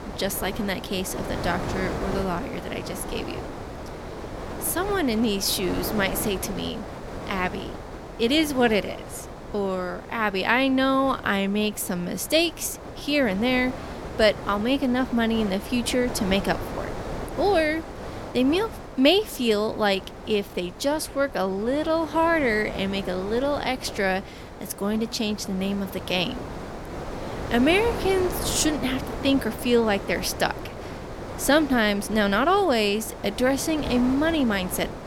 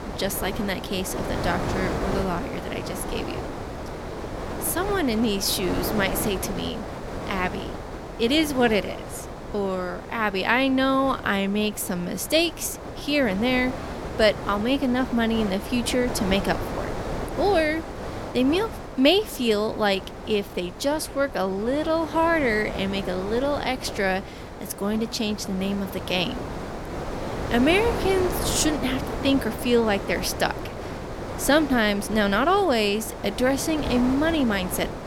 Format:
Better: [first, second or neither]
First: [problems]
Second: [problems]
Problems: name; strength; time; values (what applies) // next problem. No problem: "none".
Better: first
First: wind noise on the microphone; occasional gusts; 10 dB below the speech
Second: wind noise on the microphone; heavy; 9 dB below the speech